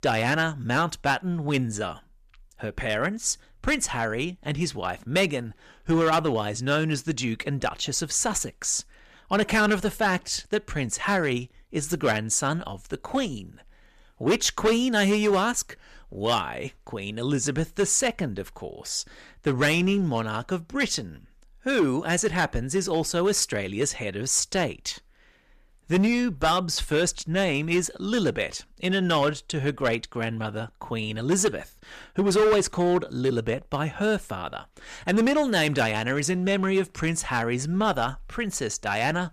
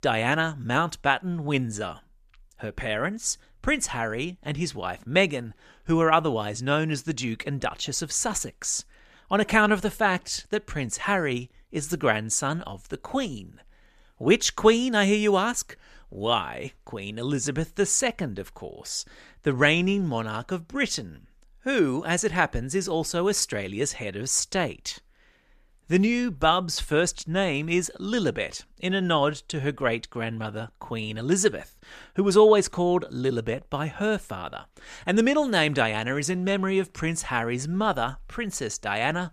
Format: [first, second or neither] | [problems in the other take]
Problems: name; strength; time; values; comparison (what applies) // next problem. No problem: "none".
second | distortion; slight; 4% of the sound clipped